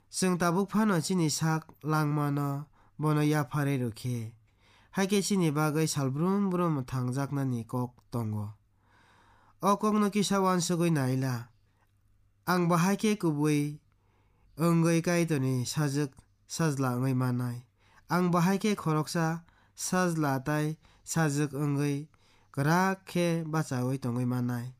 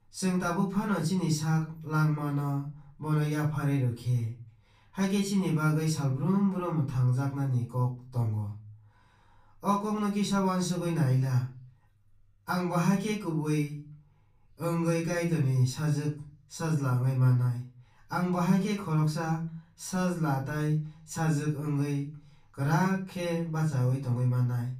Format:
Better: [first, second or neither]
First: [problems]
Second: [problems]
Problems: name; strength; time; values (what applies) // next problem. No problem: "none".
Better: first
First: none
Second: off-mic speech; far // room echo; slight; dies away in 0.3 s